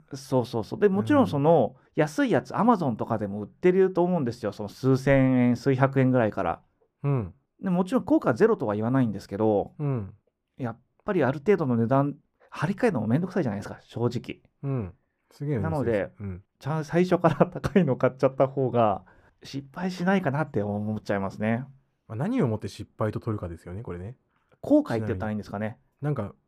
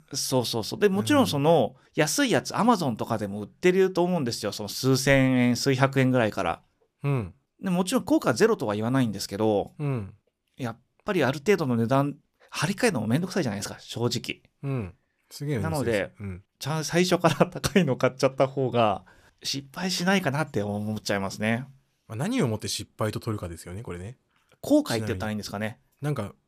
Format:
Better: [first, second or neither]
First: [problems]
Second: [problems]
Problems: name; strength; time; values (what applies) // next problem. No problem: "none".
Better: second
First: muffled; very; fading above 2.5 kHz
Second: none